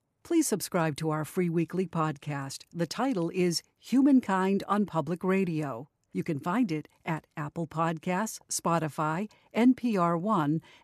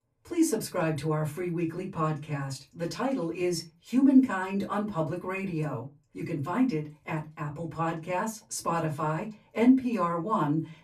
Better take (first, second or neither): first